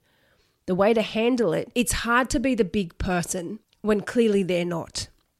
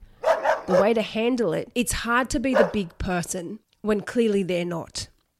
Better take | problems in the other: first | dog barking; loud; until 2.5 s; peak 3 dB above the speech

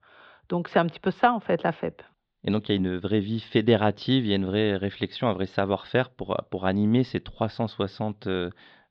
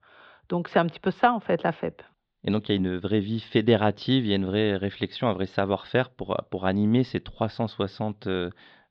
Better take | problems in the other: neither | muffled; slightly; fading above 3.5 kHz; the same in both

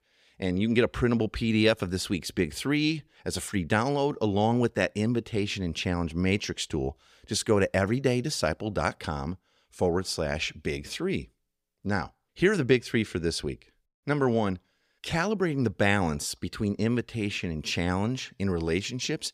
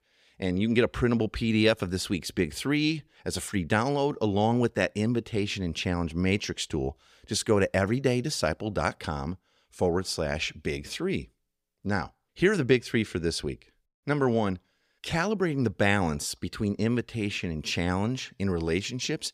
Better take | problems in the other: neither | none

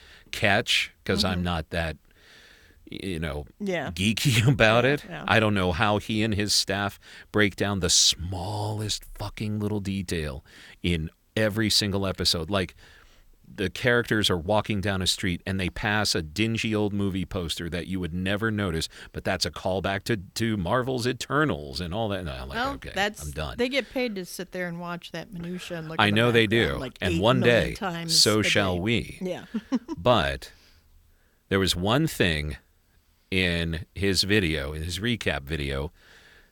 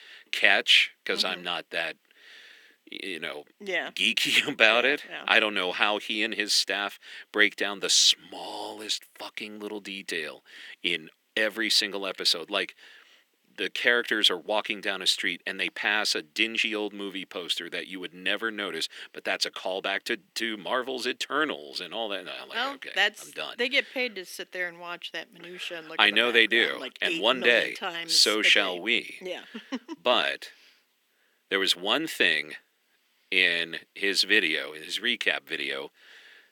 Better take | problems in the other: first | thin; somewhat; fading below 250 Hz

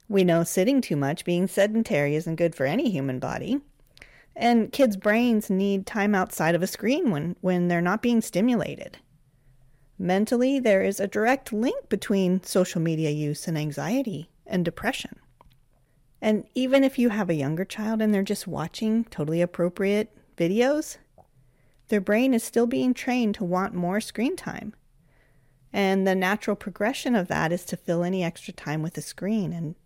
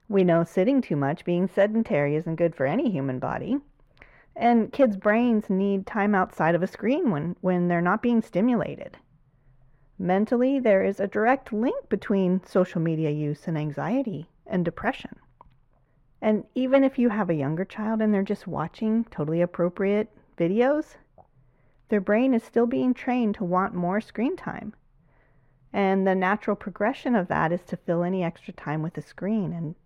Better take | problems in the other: first | muffled; very; fading above 4 kHz

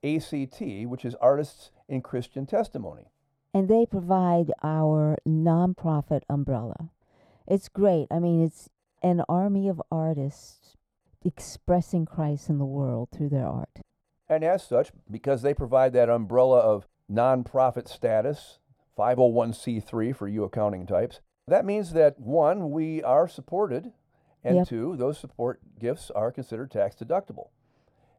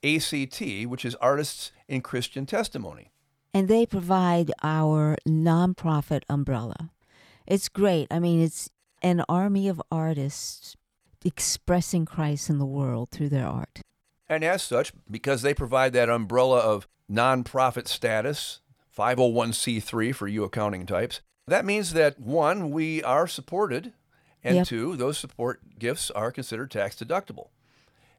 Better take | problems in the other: second | muffled; very; fading above 1 kHz

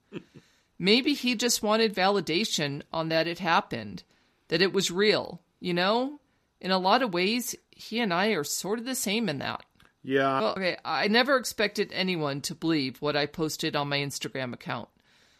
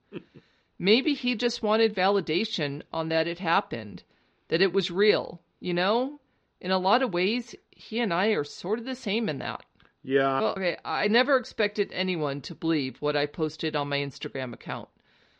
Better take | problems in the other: first | muffled; very slightly; fading above 4.5 kHz

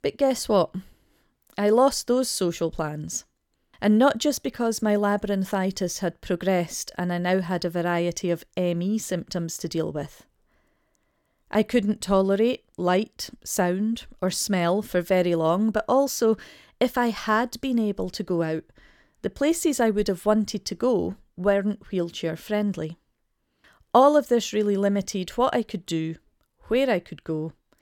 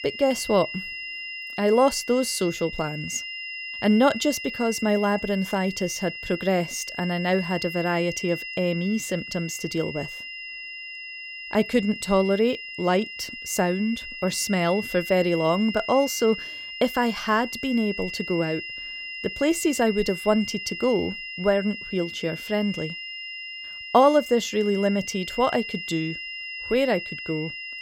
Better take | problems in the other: first | high-pitched whine; loud; throughout; 3 kHz, 9 dB below the speech

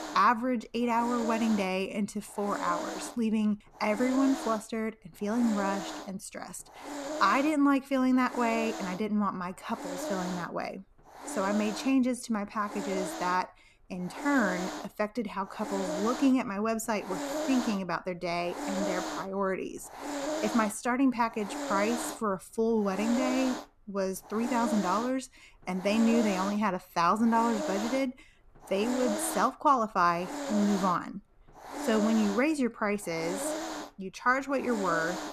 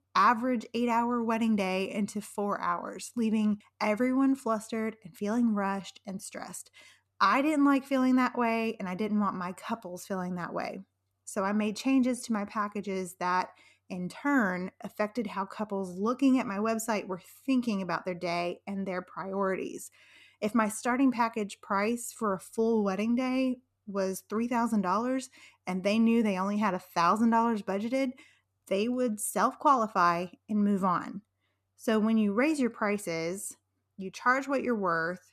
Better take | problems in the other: second | hiss; loud; throughout; 8 dB below the speech

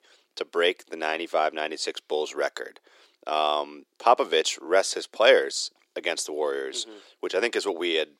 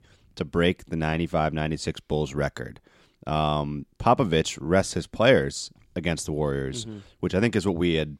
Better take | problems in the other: second | thin; very; fading below 350 Hz

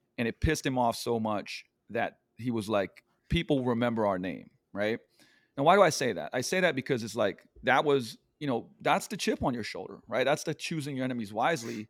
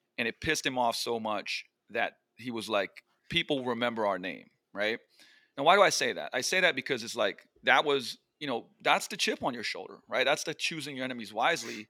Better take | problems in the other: first | thin; very slightly; fading below 400 Hz

